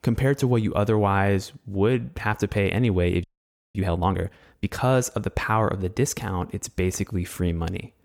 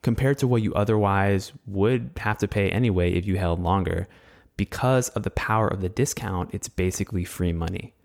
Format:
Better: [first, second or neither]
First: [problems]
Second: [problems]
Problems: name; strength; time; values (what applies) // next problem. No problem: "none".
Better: second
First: audio freezing; at 3 s for 0.5 s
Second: none